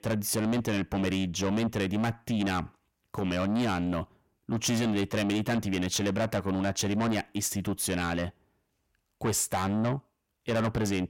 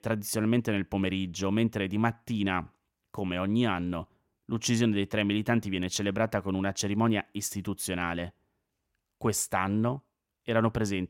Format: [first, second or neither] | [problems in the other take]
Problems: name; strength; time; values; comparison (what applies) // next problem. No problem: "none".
second | distortion; heavy; 7 dB below the speech